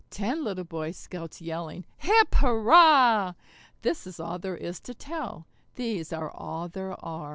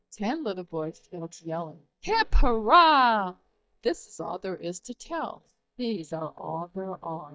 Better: first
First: none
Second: noise reduction (neural mask model DeepFilterNet 3)

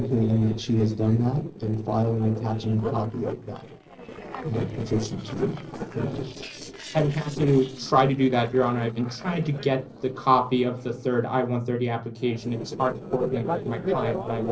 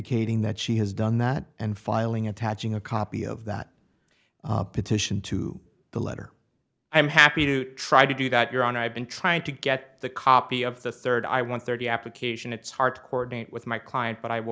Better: second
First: noise reduction (neural separator model SepFormer DNS4)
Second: none

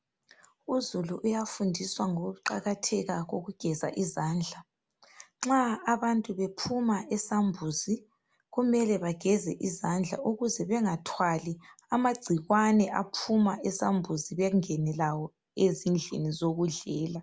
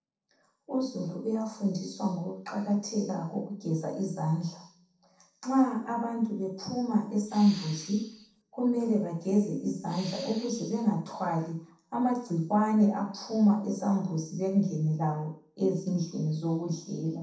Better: first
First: none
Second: noise reduction (neural separator model SepFormer DNS4)

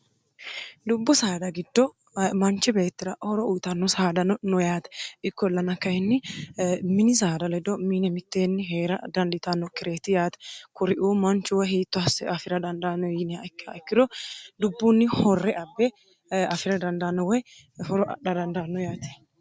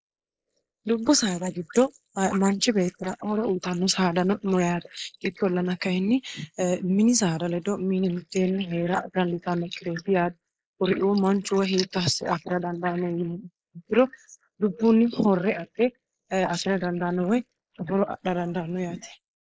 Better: first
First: none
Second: noise reduction (neural mask model Resemble Enhance denoiser)

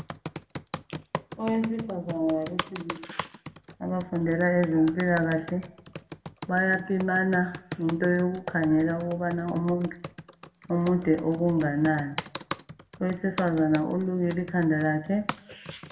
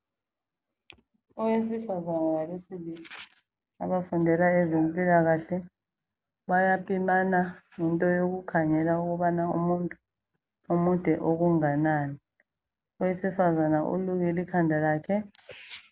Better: second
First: background sound (Computer keyboard); 13 dB below the speech // room echo; dies away in 0.5 s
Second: none

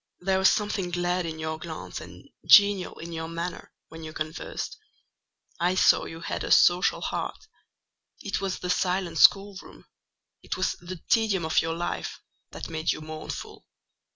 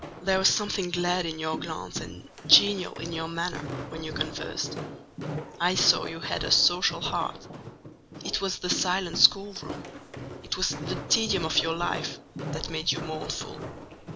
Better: first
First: none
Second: background sound (Walk, footsteps); 9 dB below the speech

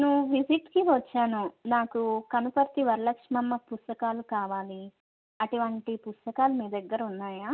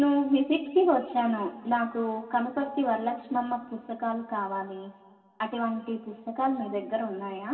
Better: first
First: none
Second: room echo; dies away in 2 s

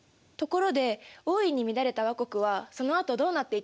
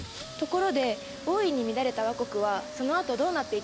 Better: first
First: none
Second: background sound (Squeak); 11 dB below the speech

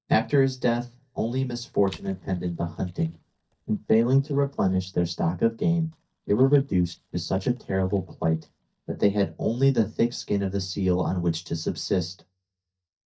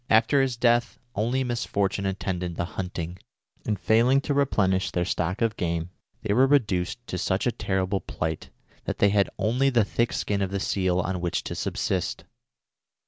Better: second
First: noise reduction (neural mask model DeepFilterNet 3)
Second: none

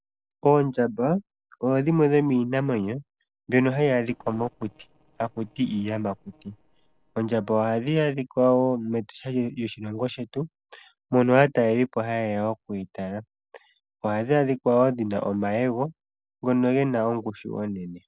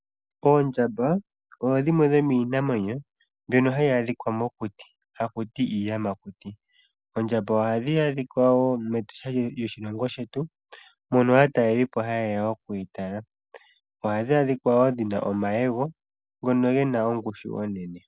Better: second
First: noise reduction (neural separator model SepFormer DNS4)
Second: none

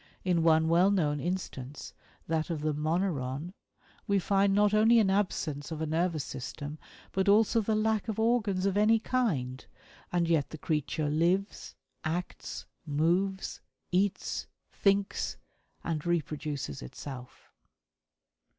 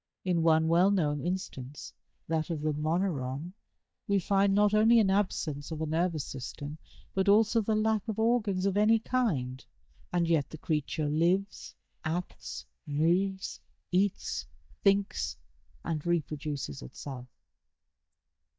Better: first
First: none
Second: noise reduction (neural mask model DeepFilterNet 3)

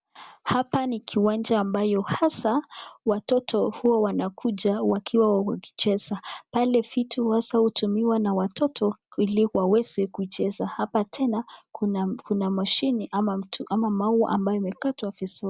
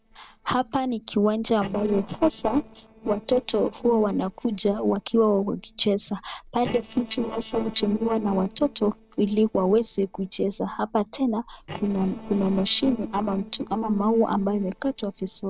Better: first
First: none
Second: noise reduction (neural separator model SepFormer DNS4)

